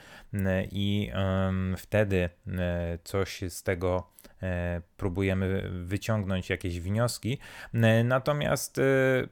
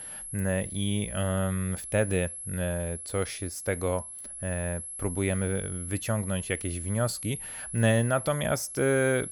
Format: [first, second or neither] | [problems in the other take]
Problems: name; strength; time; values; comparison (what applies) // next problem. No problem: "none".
first | high-pitched whine; loud; throughout; 11 kHz, 7 dB below the speech